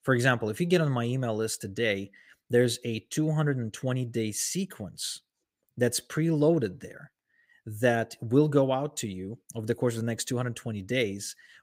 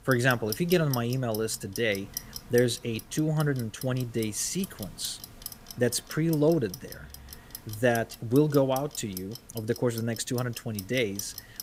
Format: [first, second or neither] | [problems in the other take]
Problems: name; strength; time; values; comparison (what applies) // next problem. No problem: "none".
first | household noises; noticeable; throughout; 15 dB below the speech